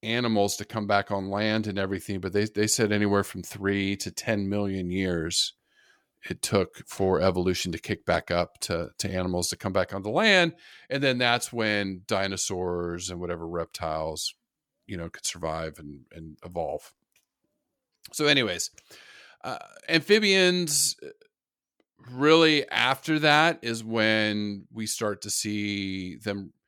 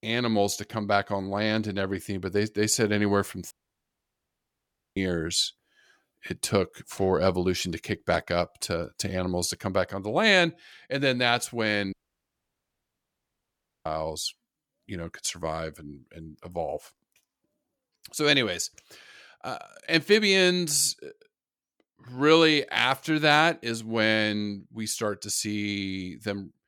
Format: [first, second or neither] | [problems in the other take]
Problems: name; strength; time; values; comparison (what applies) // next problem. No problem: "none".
first | audio cutting out; at 3.5 s for 1.5 s and at 12 s for 2 s